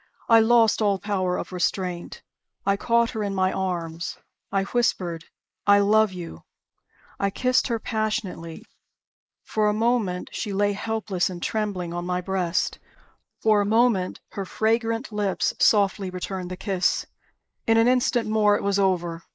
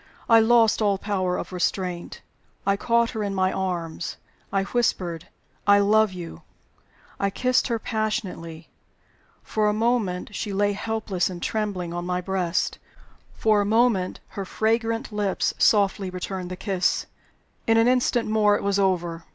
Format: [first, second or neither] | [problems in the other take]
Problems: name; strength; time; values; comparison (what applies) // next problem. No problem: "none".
second | noise reduction (neural mask model Resemble Enhance denoiser)